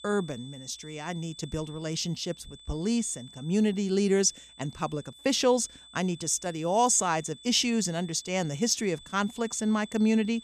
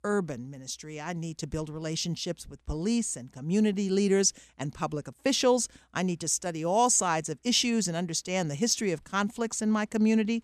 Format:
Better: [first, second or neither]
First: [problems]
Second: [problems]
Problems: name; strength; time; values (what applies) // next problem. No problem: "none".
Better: second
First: high-pitched whine; faint; throughout; 3.5 kHz, 20 dB below the speech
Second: none